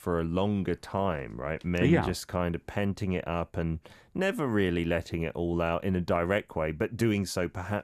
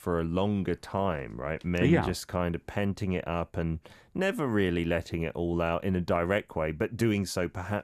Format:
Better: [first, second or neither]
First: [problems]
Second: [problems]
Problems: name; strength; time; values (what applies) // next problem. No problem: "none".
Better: neither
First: none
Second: none